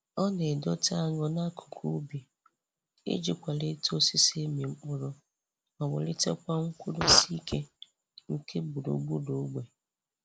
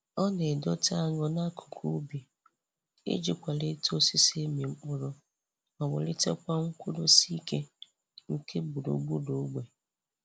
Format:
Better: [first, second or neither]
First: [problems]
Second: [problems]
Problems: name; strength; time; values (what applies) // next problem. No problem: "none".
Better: second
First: background sound (Fart); 4 dB below the speech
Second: none